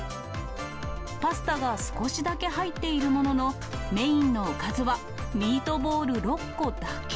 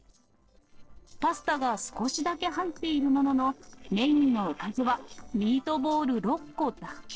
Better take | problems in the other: first | noise reduction (neural separator model SepFormer DNS4)

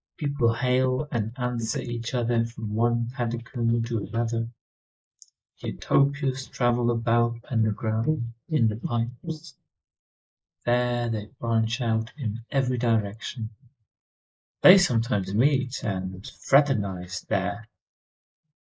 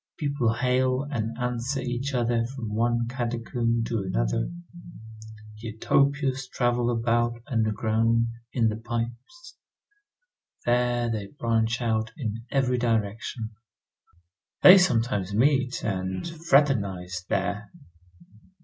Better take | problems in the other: second | noise reduction (neural mask model Resemble Enhance denoiser)

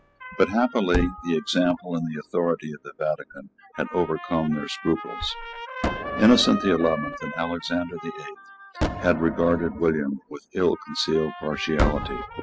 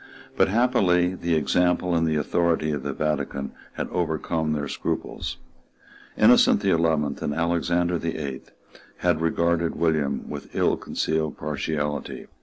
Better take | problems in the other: second | noise reduction (classical method spectral subtraction)

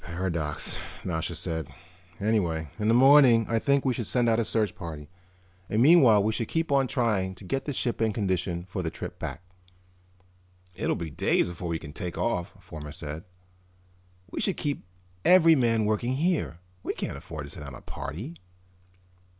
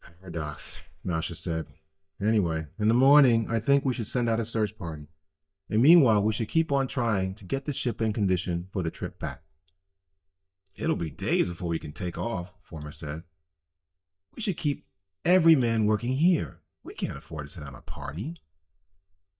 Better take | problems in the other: first | noise reduction (neural mask model DeepFilterNet 3)

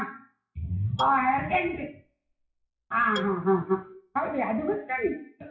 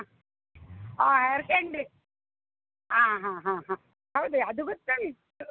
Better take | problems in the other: second | noise reduction (classical method WPE with log-MMSE)

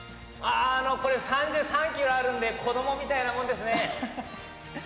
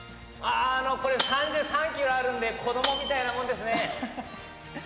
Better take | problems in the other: first | background sound (Tambourine); 7 dB below the speech

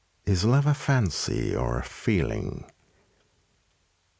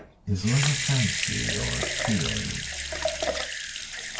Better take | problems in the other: first | background sound (Sink (filling or washing) / Water tap, faucet / Liquid); as loud as the speech // room echo; dies away in 0.2 s

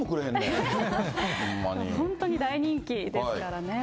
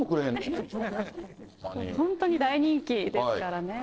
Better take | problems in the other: first | noise reduction (neural separator model SepFormer DNS4)

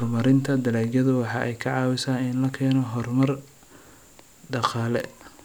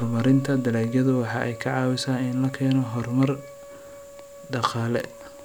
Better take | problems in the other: first | background sound (Wind instrument, woodwind instrument); 18 dB below the speech

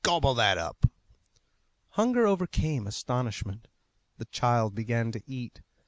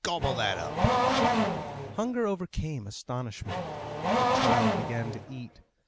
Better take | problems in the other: first | background sound (Race car, auto racing / Accelerating, revving, vroom); 4 dB above the speech

